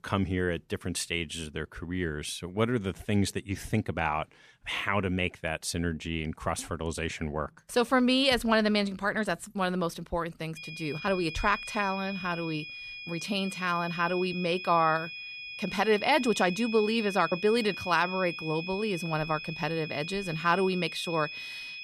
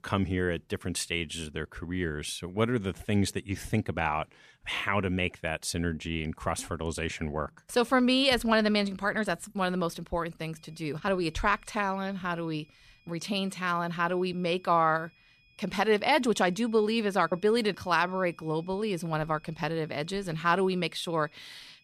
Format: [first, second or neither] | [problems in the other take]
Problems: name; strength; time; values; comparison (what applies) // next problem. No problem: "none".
second | high-pitched whine; loud; from 11 s on; 2.5 kHz, 8 dB below the speech; faint in the second